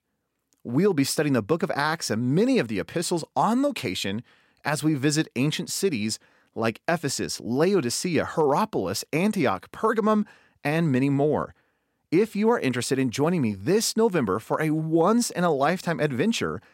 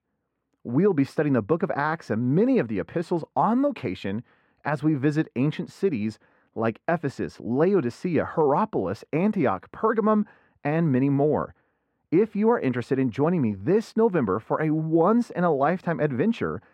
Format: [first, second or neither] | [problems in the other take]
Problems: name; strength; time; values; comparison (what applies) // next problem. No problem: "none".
first | muffled; very; fading above 3.5 kHz